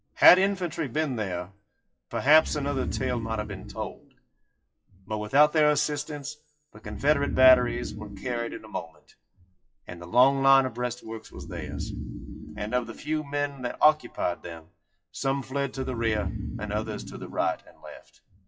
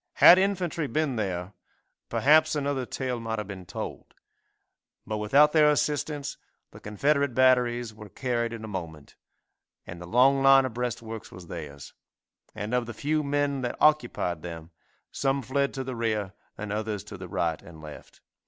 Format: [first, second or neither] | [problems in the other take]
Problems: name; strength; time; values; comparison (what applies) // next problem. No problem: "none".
second | noise reduction (classical method WPE with log-MMSE)